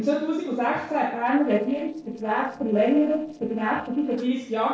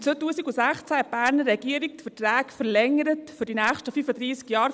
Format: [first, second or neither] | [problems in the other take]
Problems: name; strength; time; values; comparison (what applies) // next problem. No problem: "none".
second | noise reduction (neural separator model SepFormer DNS4)